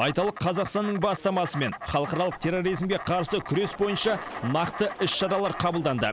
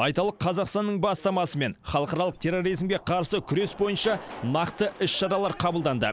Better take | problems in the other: second | background sound (Insect); 12 dB below the speech

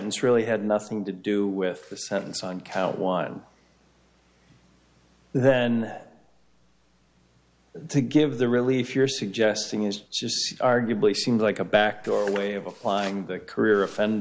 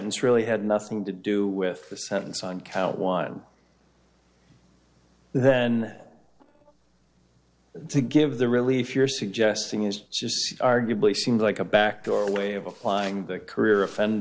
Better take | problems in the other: first | noise reduction (neural separator model SepFormer DNS4)

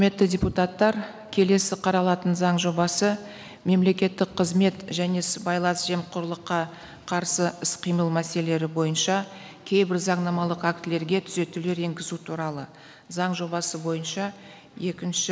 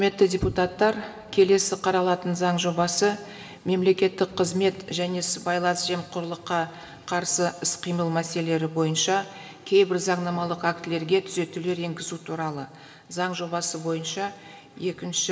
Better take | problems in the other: first | room echo; dies away in 0.7 s

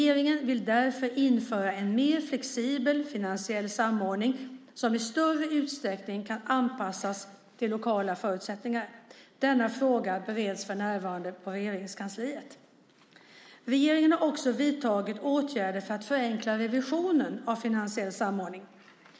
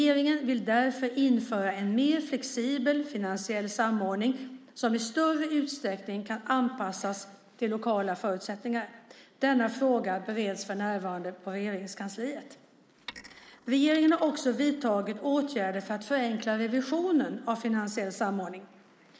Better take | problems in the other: first | noise reduction (neural mask model Resemble Enhance denoiser)

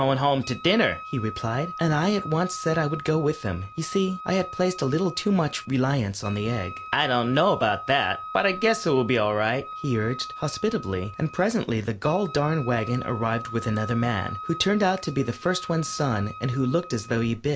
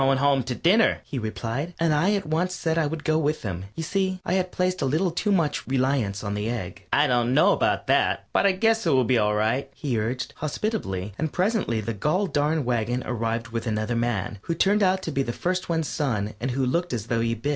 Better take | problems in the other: second | background sound (Wind instrument, woodwind instrument); 13 dB below the speech

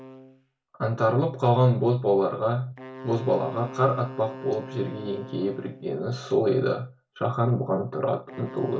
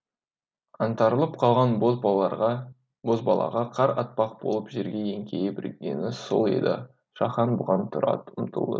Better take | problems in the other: second | background sound (Wind instrument, woodwind instrument); 18 dB below the speech // room echo; dies away in 0.2 s

